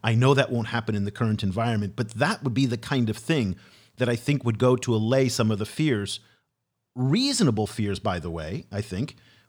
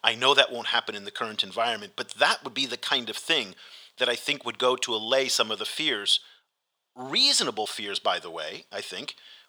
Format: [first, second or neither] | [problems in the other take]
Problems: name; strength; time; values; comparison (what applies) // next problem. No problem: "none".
first | thin; very; fading below 700 Hz